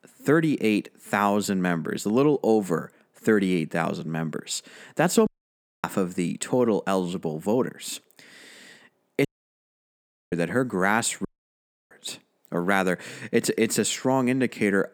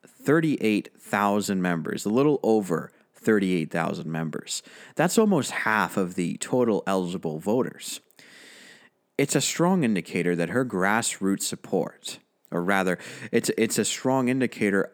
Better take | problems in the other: second | audio cutting out; at 5.5 s for 0.5 s, at 9.5 s for 1 s and at 11 s for 0.5 s

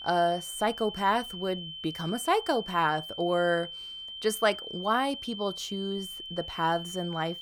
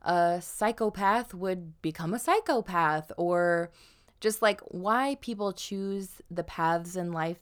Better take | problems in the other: second | high-pitched whine; loud; throughout; 3 kHz, 9 dB below the speech

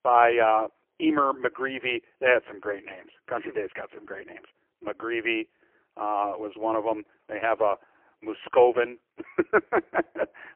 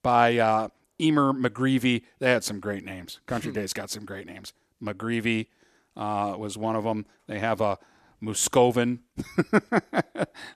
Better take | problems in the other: second | phone-call audio; poor line; nothing above 3 kHz

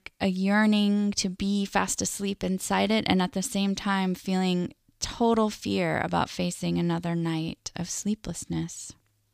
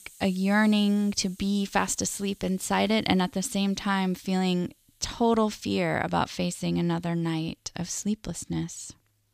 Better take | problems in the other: first | hiss; faint; throughout; 25 dB below the speech

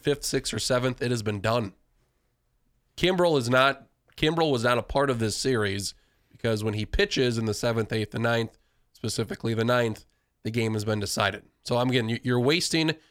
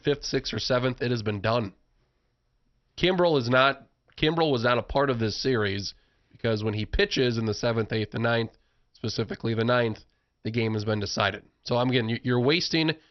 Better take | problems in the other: first | garbled, watery; slightly; nothing above 6 kHz

